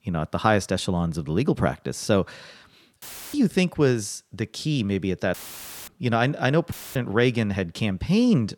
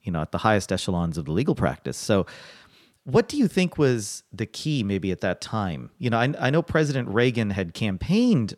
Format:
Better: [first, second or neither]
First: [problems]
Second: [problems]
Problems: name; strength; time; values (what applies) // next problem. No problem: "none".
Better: second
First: audio cutting out; filled with static; at 3 s, at 5.5 s for 0.5 s and at 6.5 s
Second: none